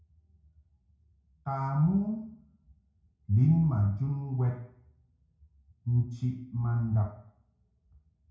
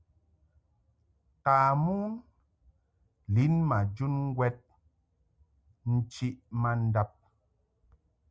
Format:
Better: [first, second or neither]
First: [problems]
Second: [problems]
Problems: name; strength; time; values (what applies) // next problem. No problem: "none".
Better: second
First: room echo; dies away in 0.6 s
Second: none